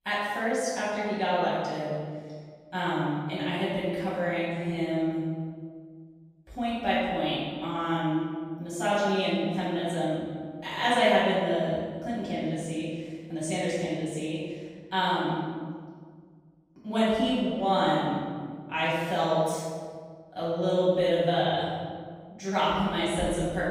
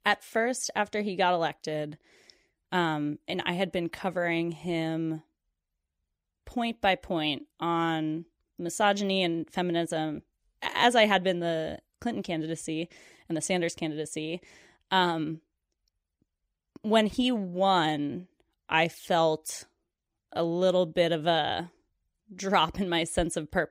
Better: second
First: off-mic speech; far // room echo; strong; dies away in 1.7 s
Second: none

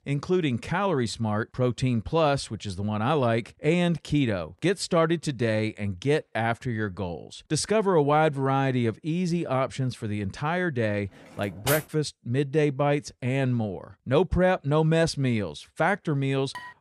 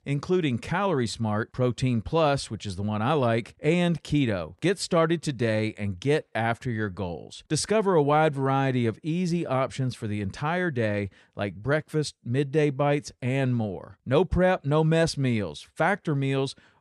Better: second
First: clattering dishes; noticeable; at 11 s; peak 4 dB below the speech // clattering dishes; faint; at 16 s; peak 15 dB below the speech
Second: none

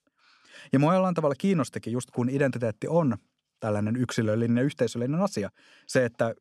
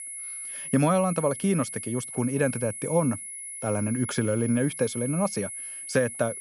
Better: first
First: none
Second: high-pitched whine; loud; throughout; 10.5 kHz, 8 dB below the speech

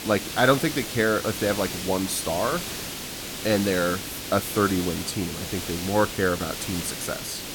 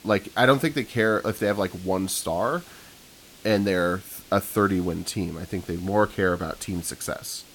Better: second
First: hiss; loud; throughout; 6 dB below the speech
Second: hiss; faint; throughout; 20 dB below the speech

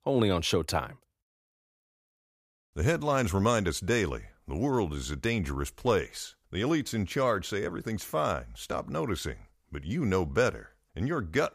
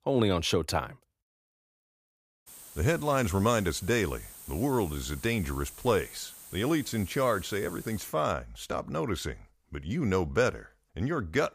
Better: first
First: none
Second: hiss; very faint; from 2.5 to 8 s; 15 dB below the speech

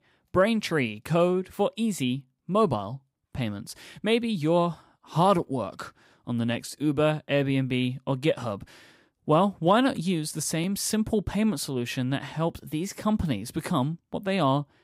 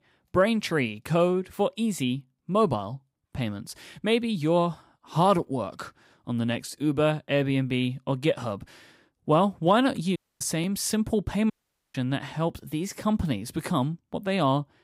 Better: first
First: none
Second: audio cutting out; at 10 s and at 12 s

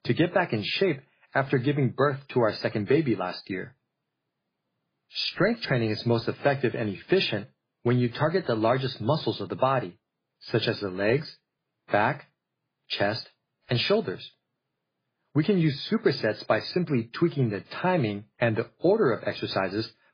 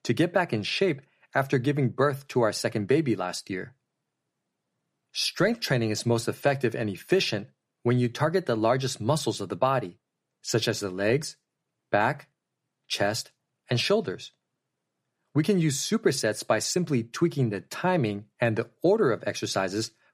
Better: second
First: garbled, watery; badly; nothing above 5 kHz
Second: none

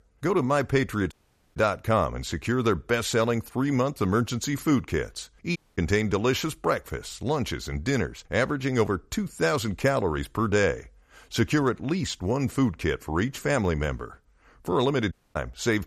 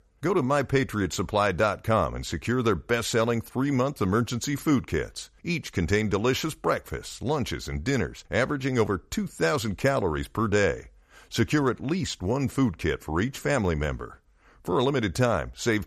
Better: second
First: audio cutting out; at 1 s, at 5.5 s and at 15 s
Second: none

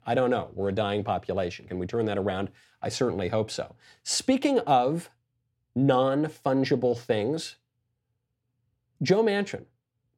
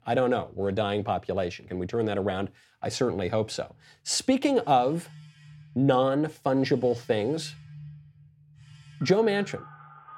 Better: first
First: none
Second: alarms or sirens; faint; from 3.5 s on; 20 dB below the speech

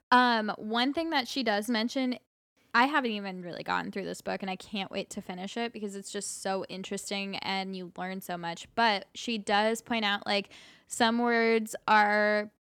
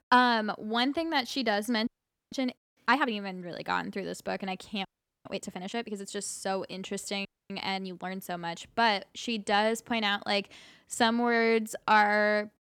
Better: first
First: none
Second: audio freezing; at 2 s, at 5 s and at 7.5 s

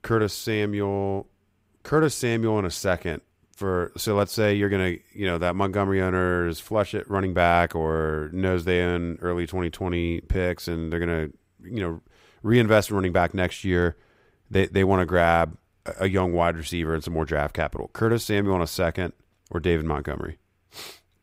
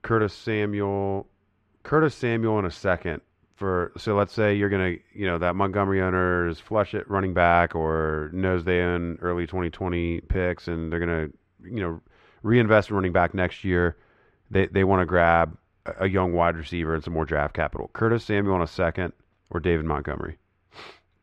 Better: first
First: none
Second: muffled; slightly; fading above 3 kHz

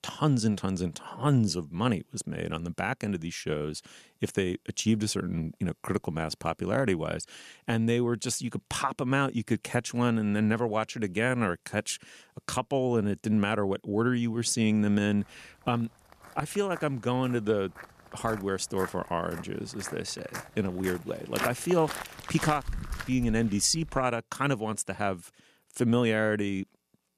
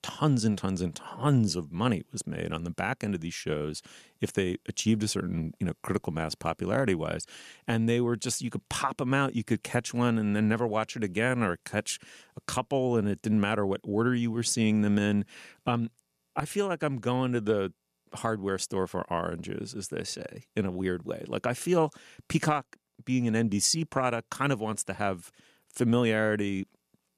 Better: second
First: footsteps; noticeable; from 17 to 24 s; peak 4 dB below the speech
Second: none

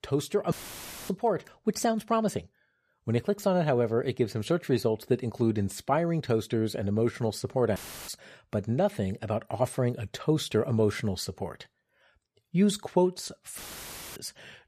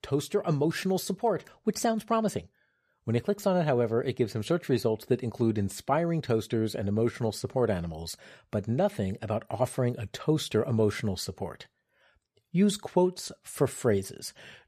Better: second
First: audio cutting out; filled with static; at 0.5 s for 0.5 s, at 8 s and at 14 s for 0.5 s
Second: none

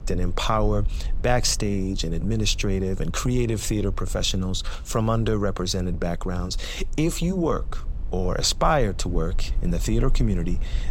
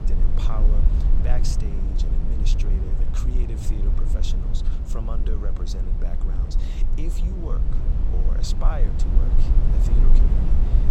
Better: first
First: low rumble; faint; throughout; 25 dB below the speech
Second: low rumble; loud; throughout; 1 dB below the speech

